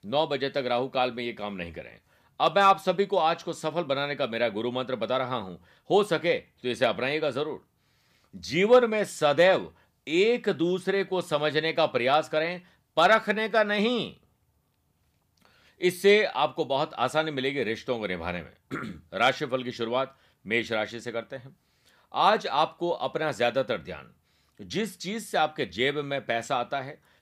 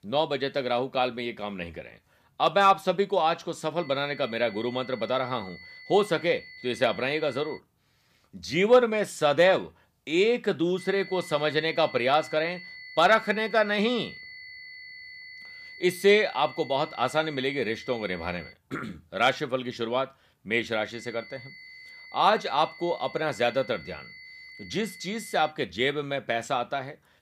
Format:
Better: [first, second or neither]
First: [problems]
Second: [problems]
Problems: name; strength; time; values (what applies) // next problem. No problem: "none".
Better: first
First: none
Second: high-pitched whine; noticeable; from 4 to 7.5 s, from 11 to 19 s and from 21 to 26 s; 2 kHz, 15 dB below the speech